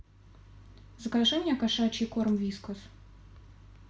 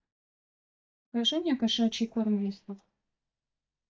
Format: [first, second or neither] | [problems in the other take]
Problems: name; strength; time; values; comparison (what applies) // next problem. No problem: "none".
first | noise reduction (neural mask model DeepFilterNet 3)